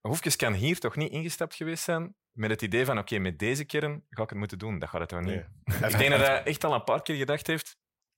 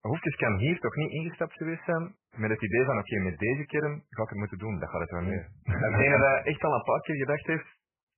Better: first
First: none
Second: garbled, watery; badly; nothing above 2.5 kHz

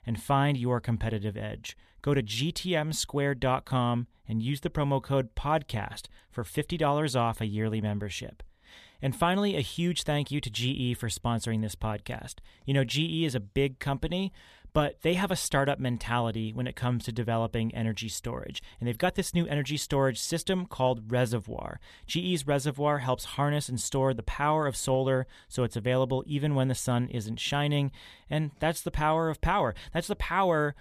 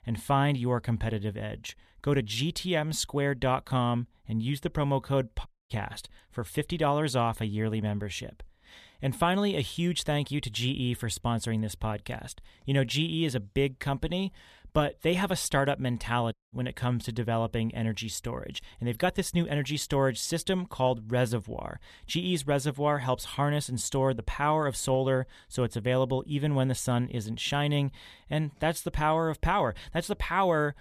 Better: first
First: none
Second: audio cutting out; at 5.5 s and at 16 s

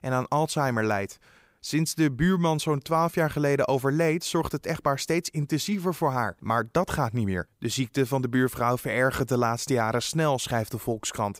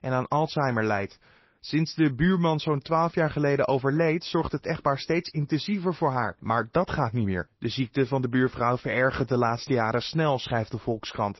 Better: first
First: none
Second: garbled, watery; slightly; nothing above 5.5 kHz

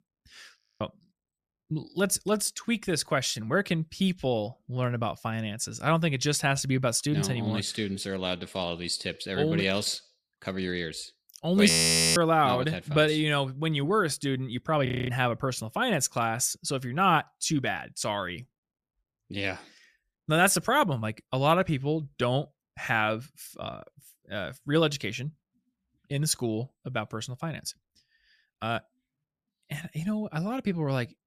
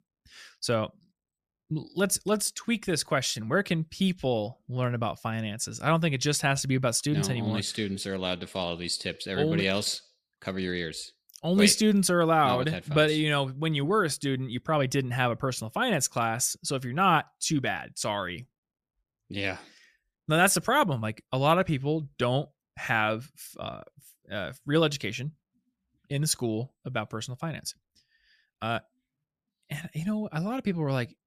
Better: second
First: audio freezing; at 0.5 s, at 12 s and at 15 s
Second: none

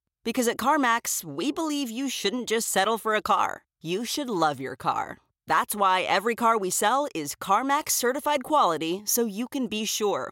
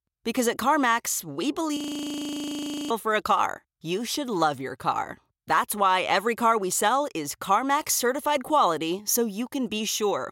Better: first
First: none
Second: audio freezing; at 2 s for 1 s

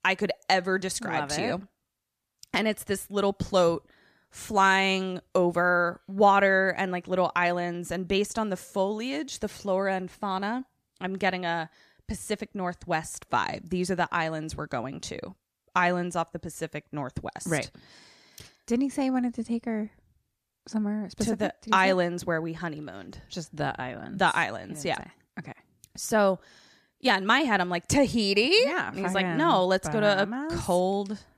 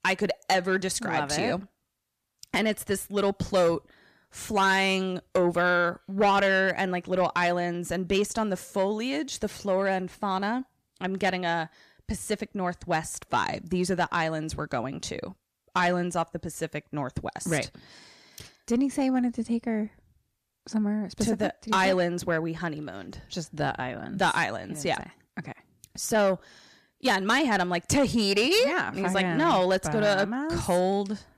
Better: first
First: none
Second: distortion; slight; 10 dB below the speech

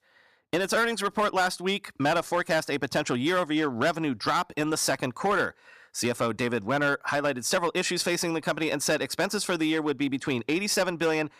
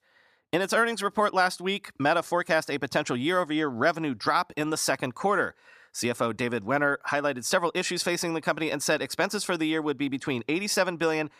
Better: second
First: distortion; slight; 7% of the sound clipped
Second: none

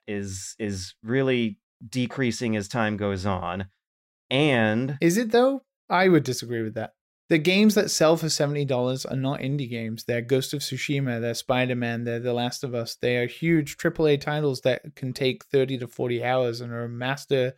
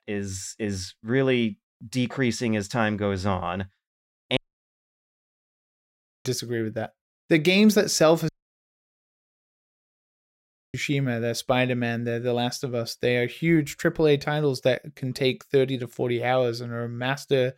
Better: first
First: none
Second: audio cutting out; at 4.5 s for 2 s and at 8.5 s for 2.5 s

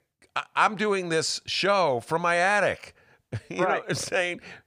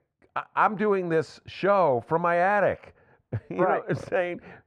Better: first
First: none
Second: muffled; very; fading above 2.5 kHz

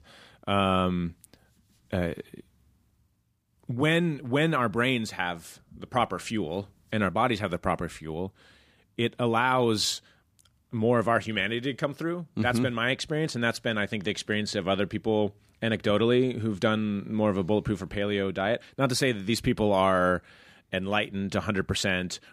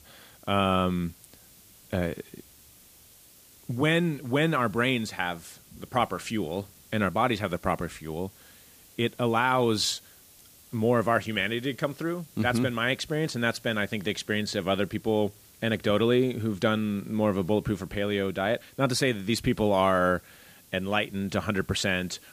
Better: first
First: none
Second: hiss; faint; throughout; 25 dB below the speech

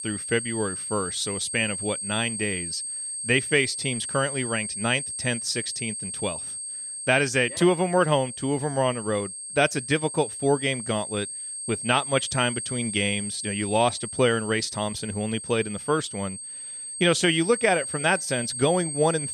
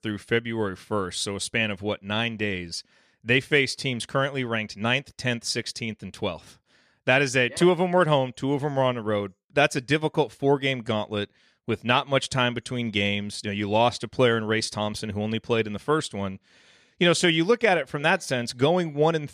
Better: second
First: high-pitched whine; loud; throughout; 8.5 kHz, 6 dB below the speech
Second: none

